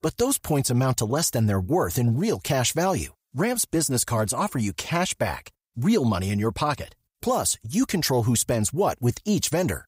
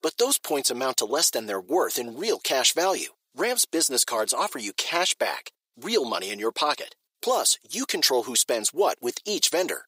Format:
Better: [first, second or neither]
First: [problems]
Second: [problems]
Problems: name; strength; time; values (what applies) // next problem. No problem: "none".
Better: first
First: none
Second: thin; very; fading below 350 Hz